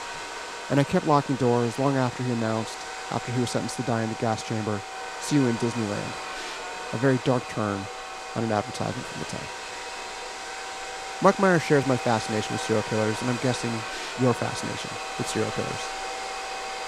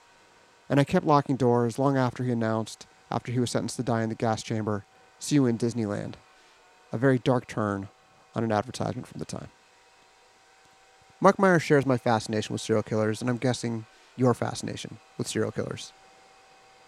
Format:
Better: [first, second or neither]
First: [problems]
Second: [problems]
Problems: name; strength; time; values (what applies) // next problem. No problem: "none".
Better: second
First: household noises; loud; throughout; 7 dB below the speech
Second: household noises; faint; throughout; 30 dB below the speech